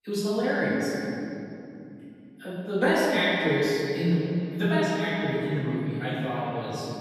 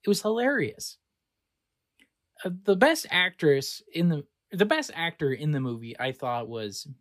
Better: second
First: room echo; strong; dies away in 3 s // off-mic speech; far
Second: none

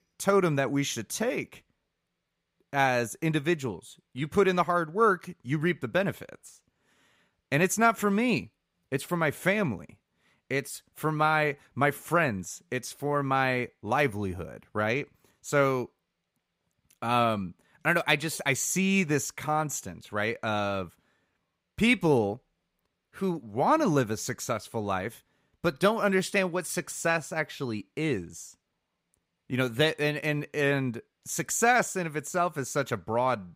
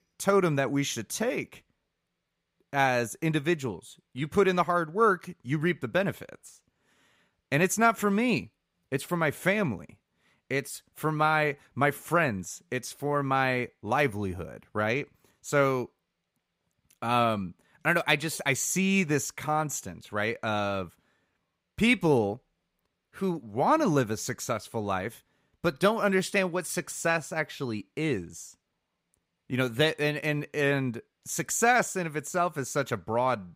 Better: neither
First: none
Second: none

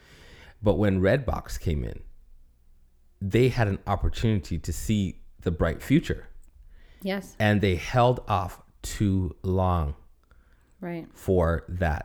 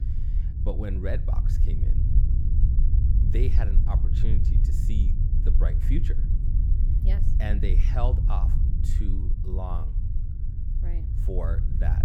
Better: first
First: none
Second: low rumble; loud; throughout; 4 dB below the speech

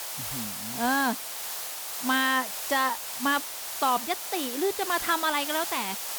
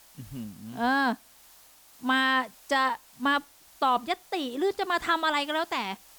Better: second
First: hiss; loud; throughout; 4 dB below the speech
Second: hiss; faint; throughout; 25 dB below the speech

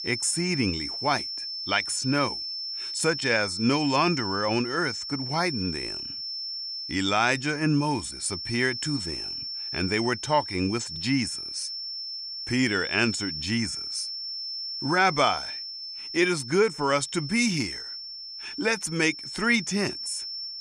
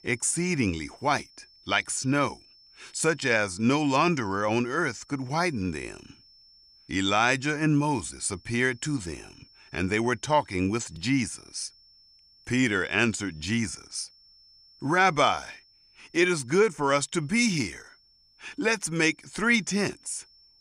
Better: second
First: high-pitched whine; loud; throughout; 5.5 kHz, 6 dB below the speech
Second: high-pitched whine; faint; throughout; 5.5 kHz, 30 dB below the speech

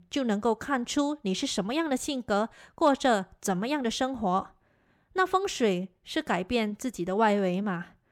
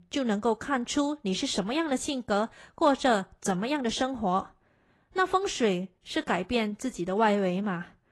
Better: first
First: none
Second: garbled, watery; slightly; nothing above 11.5 kHz

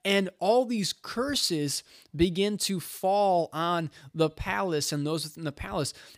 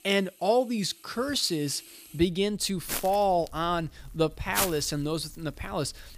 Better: first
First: none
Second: household noises; loud; throughout; 6 dB below the speech

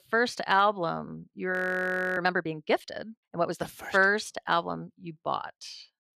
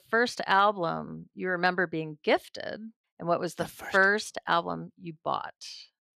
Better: second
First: audio freezing; at 1.5 s for 0.5 s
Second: none

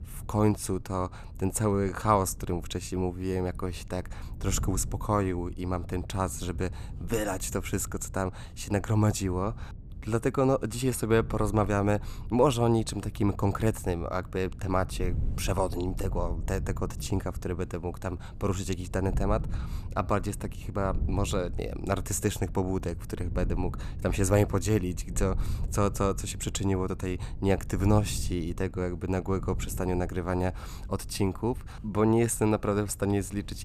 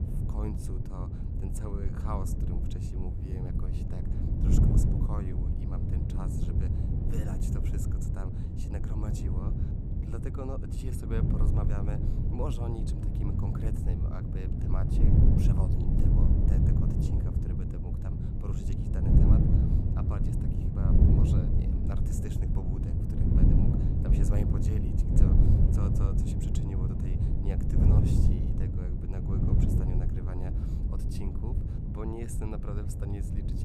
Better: first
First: wind noise on the microphone; occasional gusts; 20 dB below the speech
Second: wind noise on the microphone; heavy; 5 dB above the speech

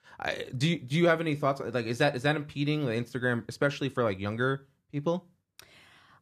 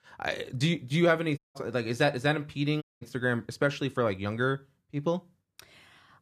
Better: first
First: none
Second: audio cutting out; at 1.5 s and at 3 s

